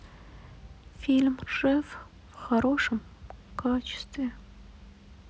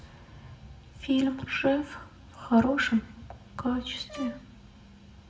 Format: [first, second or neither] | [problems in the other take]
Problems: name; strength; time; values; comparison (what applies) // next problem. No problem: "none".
first | background sound (Brass instrument); 17 dB below the speech // room echo; dies away in 0.6 s